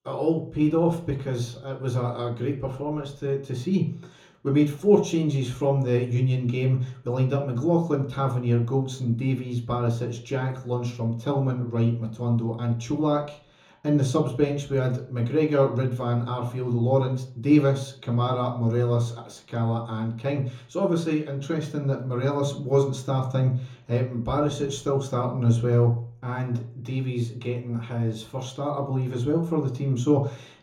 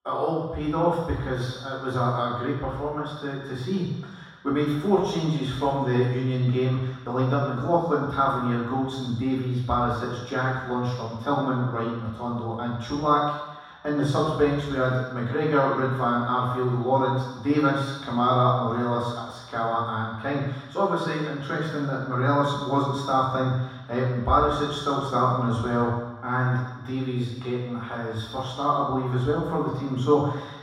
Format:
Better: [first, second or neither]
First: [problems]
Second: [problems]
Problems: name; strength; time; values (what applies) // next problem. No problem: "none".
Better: first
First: room echo; slight; dies away in 0.6 s // off-mic speech; somewhat distant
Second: room echo; strong; dies away in 1.2 s // off-mic speech; far